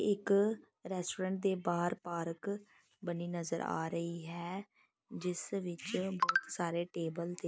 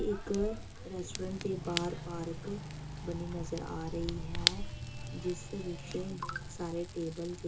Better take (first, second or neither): first